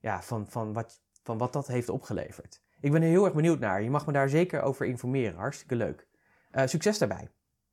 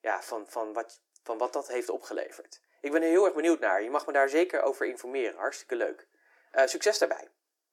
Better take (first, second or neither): first